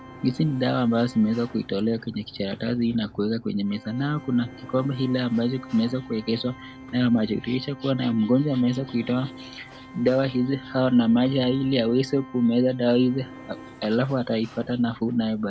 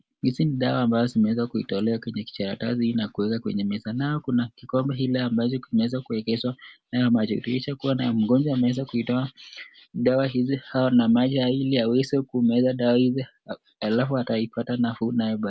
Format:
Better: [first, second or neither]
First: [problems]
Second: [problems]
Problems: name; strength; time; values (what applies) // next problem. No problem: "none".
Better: second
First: background sound (Organ + Sliding door); 18 dB below the speech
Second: none